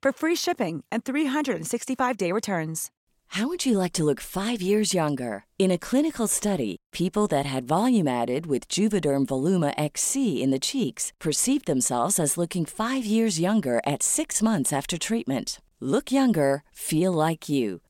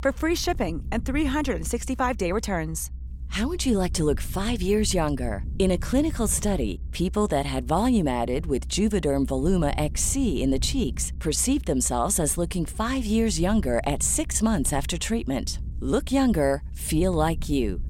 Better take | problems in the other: first | low rumble; faint; throughout; 25 dB below the speech

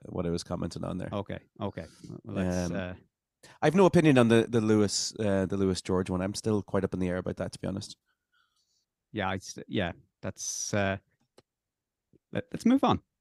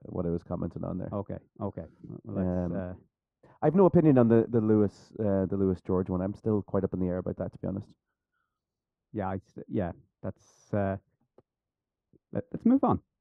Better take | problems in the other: first | muffled; very; fading above 2 kHz

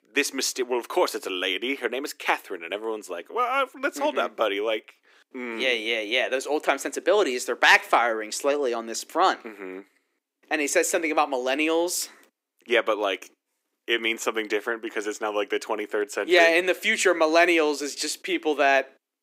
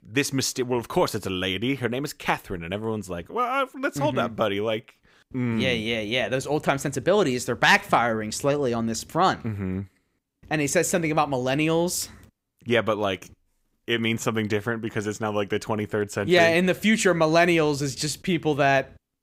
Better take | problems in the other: second | thin; somewhat; fading below 300 Hz

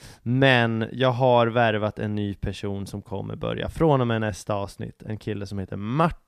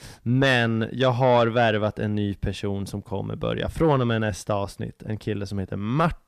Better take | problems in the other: first | distortion; slight; 10 dB below the speech

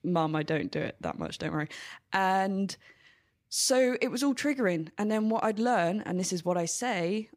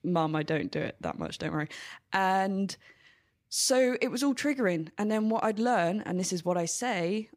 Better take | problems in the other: neither | none

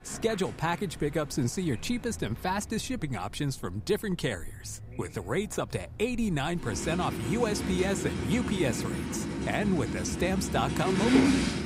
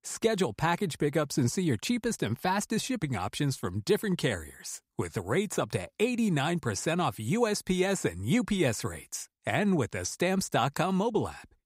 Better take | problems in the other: second | traffic noise; very loud; throughout; as loud as the speech

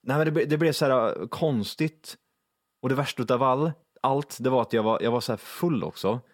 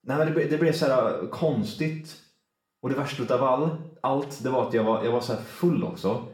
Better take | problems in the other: first | room echo; slight; dies away in 0.5 s // off-mic speech; far

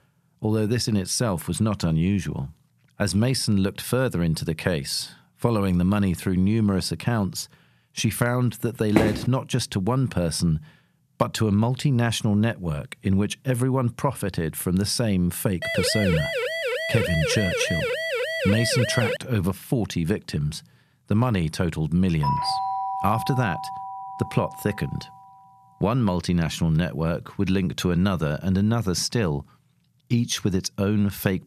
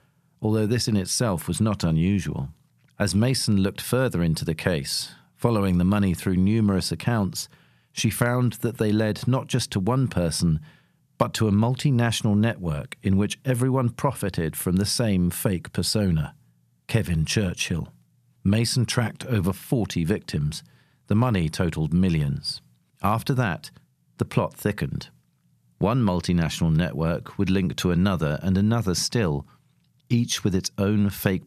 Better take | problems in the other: second | footsteps; loud; at 9 s; peak level with the speech // siren; noticeable; from 16 to 19 s; peak 1 dB below the speech // doorbell; noticeable; from 22 to 25 s; peak 1 dB below the speech

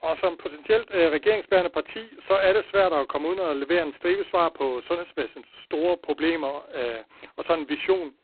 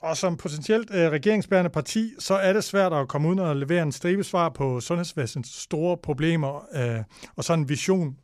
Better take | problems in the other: second | phone-call audio; poor line; nothing above 4 kHz

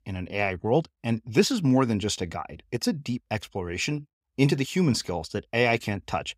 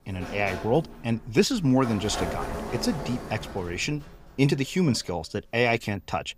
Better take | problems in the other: first | door banging; noticeable; until 5.5 s; peak 5 dB below the speech

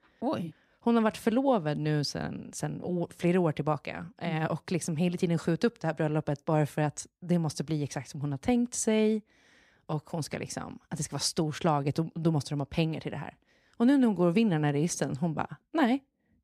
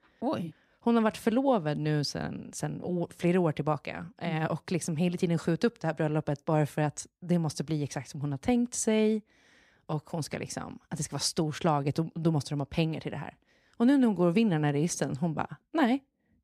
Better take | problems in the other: neither | none

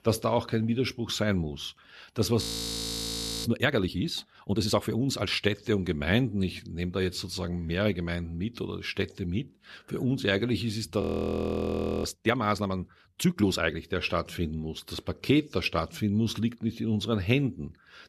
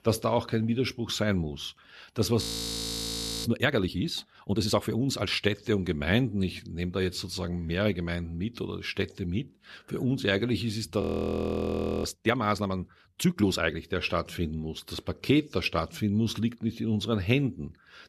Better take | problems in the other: neither | audio freezing; at 2.5 s for 1 s and at 11 s for 1 s; the same in both

